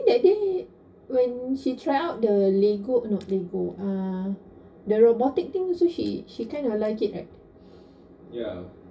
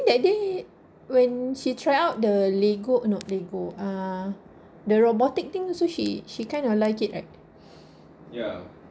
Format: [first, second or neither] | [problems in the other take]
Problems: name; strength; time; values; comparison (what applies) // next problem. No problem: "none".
second | room echo; dies away in 0.1 s